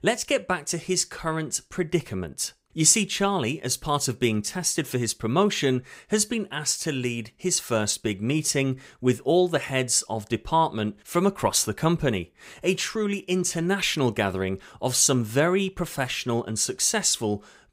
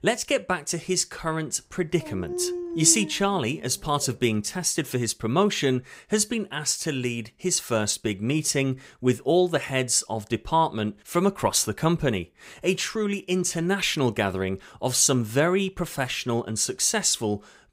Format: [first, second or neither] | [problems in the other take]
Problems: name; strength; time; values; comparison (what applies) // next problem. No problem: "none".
first | dog barking; noticeable; from 2 to 4 s; peak 6 dB below the speech